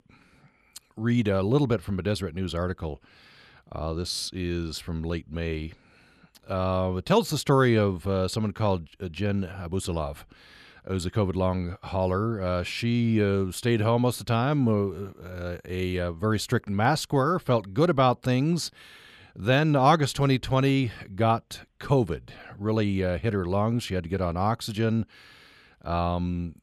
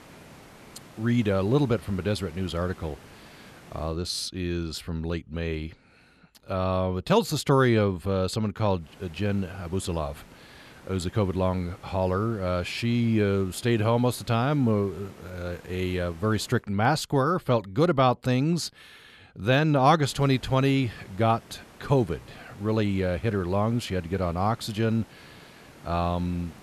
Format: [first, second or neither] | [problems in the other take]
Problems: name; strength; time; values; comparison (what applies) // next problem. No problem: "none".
first | hiss; faint; until 4 s, from 9 to 17 s and from 20 s on; 25 dB below the speech